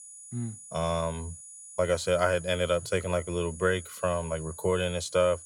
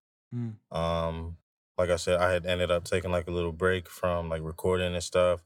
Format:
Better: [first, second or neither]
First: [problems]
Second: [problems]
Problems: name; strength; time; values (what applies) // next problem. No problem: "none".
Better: second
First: high-pitched whine; noticeable; throughout; 10 kHz, 15 dB below the speech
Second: none